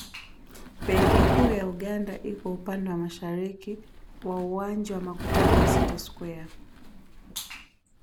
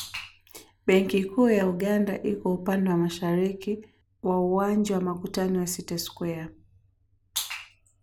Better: second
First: background sound (Livestock, farm animals, working animals); 4 dB above the speech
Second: none

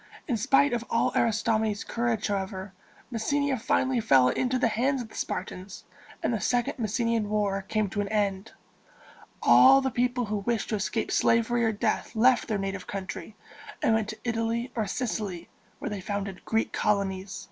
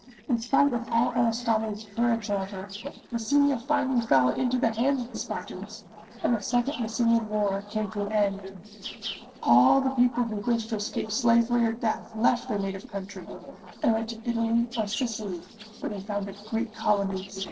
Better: first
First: none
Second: noise reduction (neural separator model SepFormer DNS4)

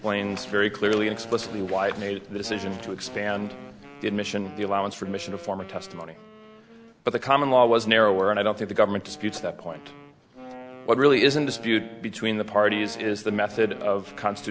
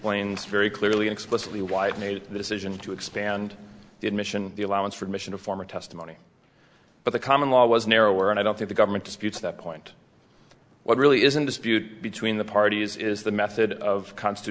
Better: second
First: background sound (Wind instrument, woodwind instrument); 18 dB below the speech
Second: none

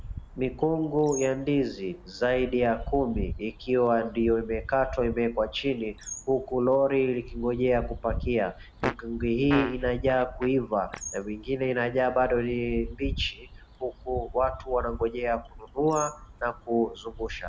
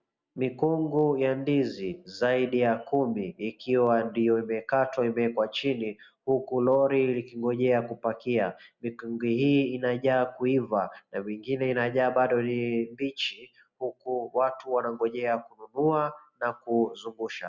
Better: second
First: background sound (Bird + Fart); 11 dB below the speech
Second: none

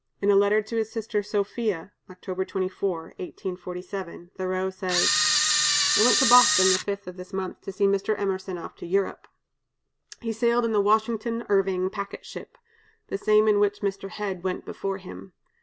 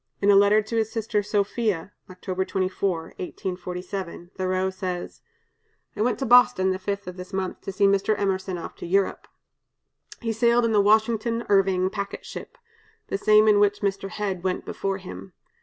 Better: second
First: background sound (Camera); 4 dB above the speech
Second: none

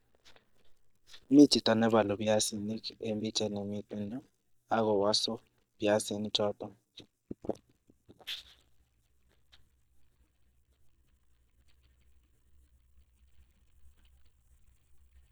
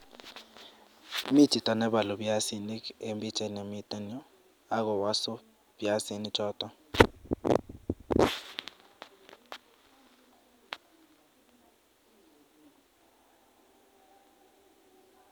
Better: second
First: noise reduction (neural mask model DeepFilterNet 3)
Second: none

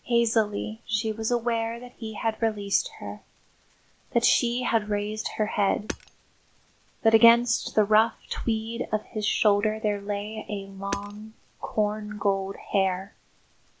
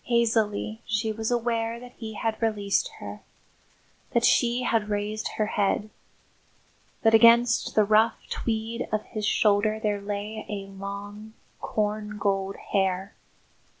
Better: second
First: background sound (Hammer); 18 dB below the speech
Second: none

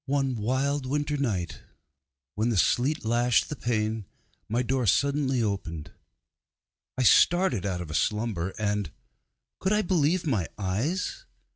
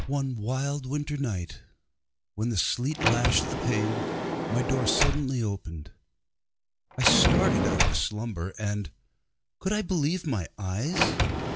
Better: first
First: none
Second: background sound (Sliding door); 1 dB below the speech

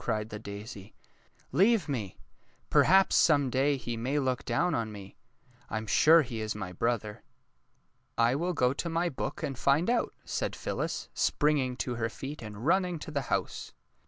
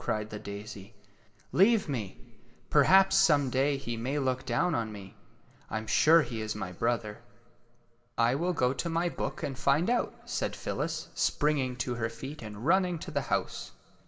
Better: first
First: none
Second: room echo; dies away in 0.8 s

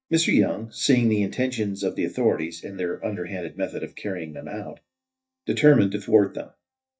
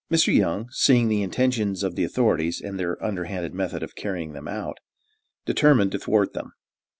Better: second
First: noise reduction (neural mask model DeepFilterNet 3)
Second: none

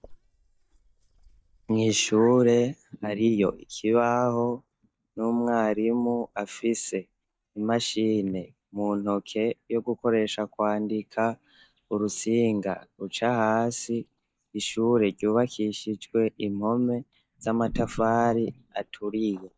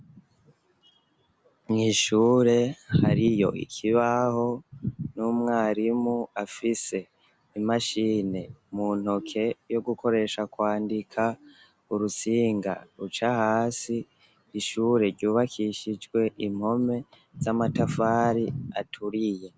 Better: second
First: noise reduction (neural mask model DeepFilterNet 3)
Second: none

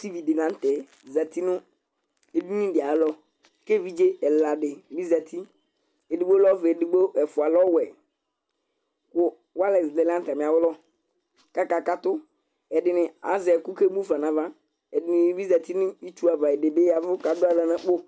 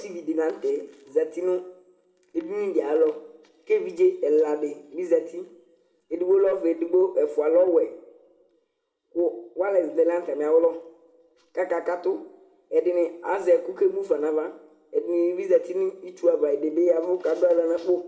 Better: first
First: none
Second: room echo; dies away in 0.7 s

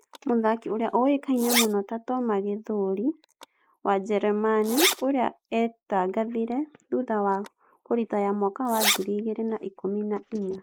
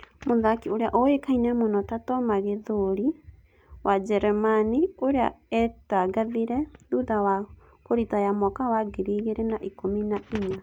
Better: second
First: noise reduction (neural mask model Resemble Enhance denoiser)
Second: none

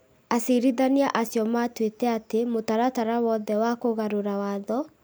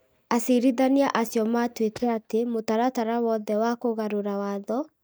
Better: first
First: none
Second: noise reduction (neural mask model DeepFilterNet 3)

